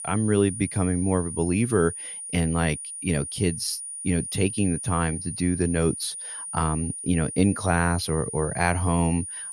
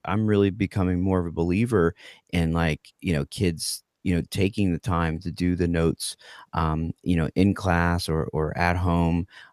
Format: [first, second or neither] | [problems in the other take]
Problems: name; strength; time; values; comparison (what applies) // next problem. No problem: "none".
second | high-pitched whine; loud; throughout; 9.5 kHz, 7 dB below the speech